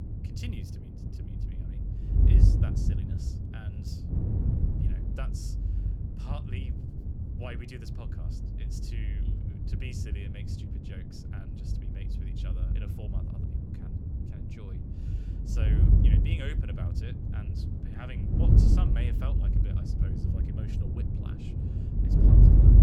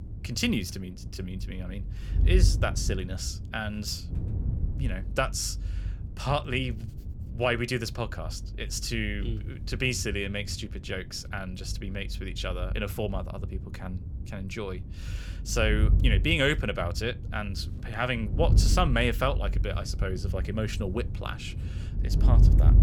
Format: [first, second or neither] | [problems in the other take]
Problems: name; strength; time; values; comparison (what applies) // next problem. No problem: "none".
second | wind noise on the microphone; heavy; 4 dB above the speech; occasional gusts in the second